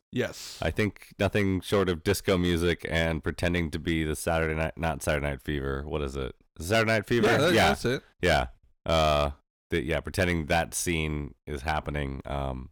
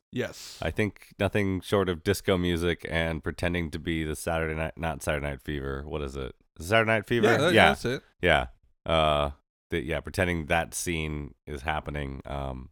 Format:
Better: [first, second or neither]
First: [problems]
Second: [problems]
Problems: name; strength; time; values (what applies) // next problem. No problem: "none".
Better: second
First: distortion; slight; 4% of the sound clipped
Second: none